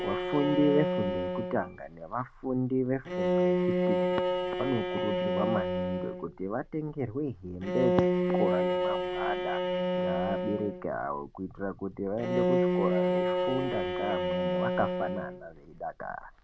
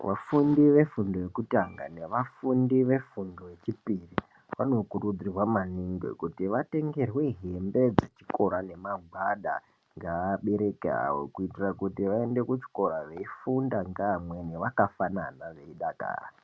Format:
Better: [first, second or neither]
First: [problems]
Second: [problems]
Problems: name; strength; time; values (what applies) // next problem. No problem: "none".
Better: second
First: background sound (Bowed string instrument); 3 dB above the speech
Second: none